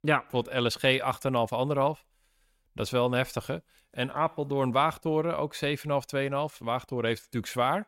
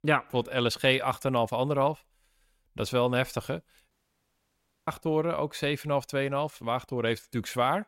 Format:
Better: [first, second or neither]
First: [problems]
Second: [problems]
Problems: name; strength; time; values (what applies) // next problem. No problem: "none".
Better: first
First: none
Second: audio cutting out; at 4 s for 1 s